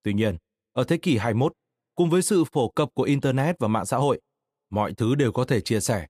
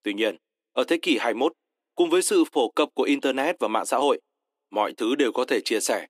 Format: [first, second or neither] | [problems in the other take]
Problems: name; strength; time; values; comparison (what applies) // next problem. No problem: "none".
first | thin; somewhat; fading below 300 Hz